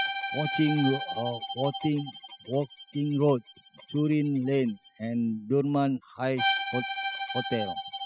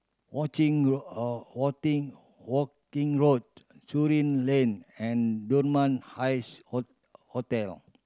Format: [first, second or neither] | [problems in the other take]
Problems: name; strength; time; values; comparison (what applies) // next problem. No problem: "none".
second | noise reduction (classical method spectral subtraction)